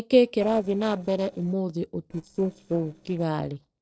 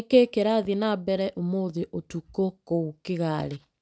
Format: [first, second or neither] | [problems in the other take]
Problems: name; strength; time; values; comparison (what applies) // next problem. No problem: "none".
second | noise reduction (neural separator model SepFormer DNS4)